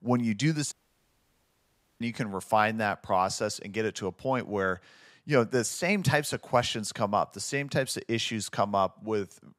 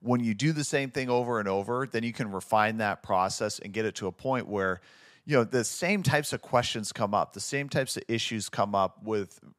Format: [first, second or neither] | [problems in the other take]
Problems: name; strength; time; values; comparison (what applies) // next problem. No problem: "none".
second | audio cutting out; at 0.5 s for 1.5 s